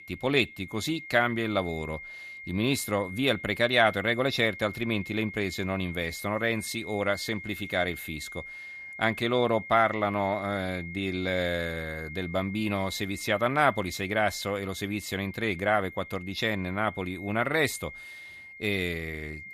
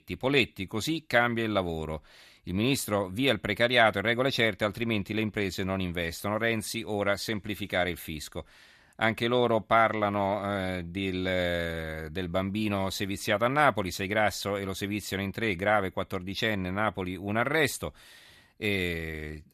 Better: second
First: high-pitched whine; noticeable; throughout; 2 kHz, 10 dB below the speech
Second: none

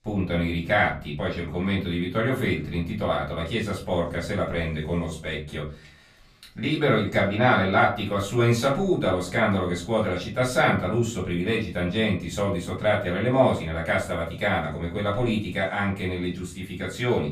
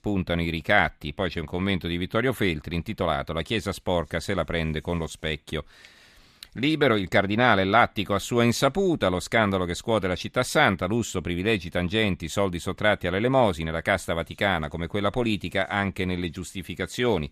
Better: second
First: off-mic speech; far // room echo; slight; dies away in 0.3 s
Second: none

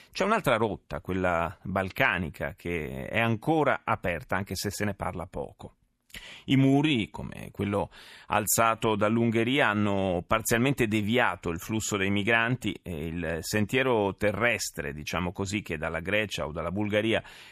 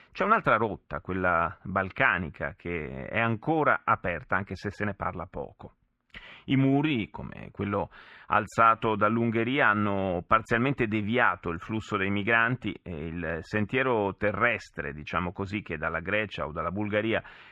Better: first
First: none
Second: muffled; very; fading above 2 kHz

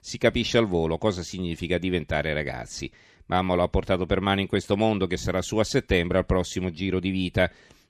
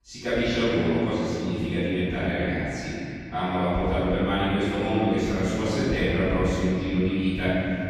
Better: first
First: none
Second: room echo; strong; dies away in 3 s // off-mic speech; far

